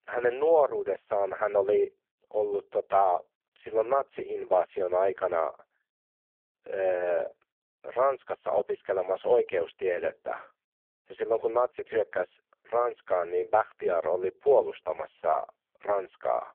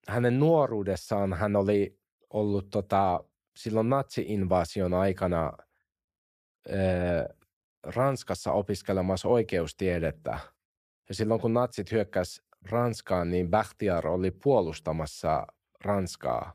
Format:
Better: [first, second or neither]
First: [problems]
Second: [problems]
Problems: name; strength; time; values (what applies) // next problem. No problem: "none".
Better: second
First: phone-call audio; poor line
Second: none